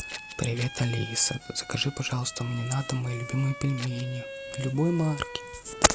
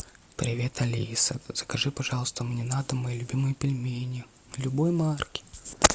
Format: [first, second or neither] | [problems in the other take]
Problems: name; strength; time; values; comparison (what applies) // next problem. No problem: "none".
second | background sound (Scissors + Bowed string instrument); 13 dB below the speech